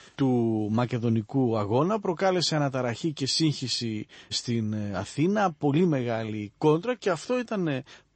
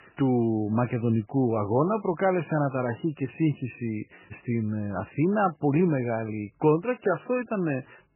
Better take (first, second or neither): first